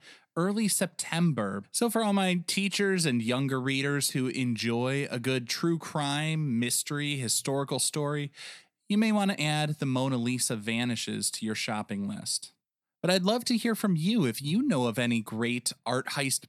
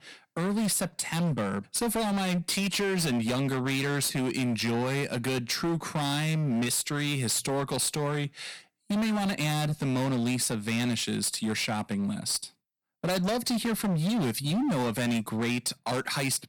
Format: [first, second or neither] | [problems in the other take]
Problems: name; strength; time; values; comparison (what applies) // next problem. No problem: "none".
first | distortion; heavy; 24% of the sound clipped